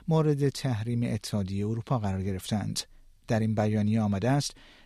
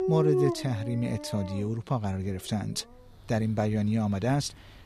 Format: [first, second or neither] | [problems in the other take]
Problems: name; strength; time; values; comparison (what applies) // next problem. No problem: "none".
first | animal sounds; loud; throughout; 3 dB below the speech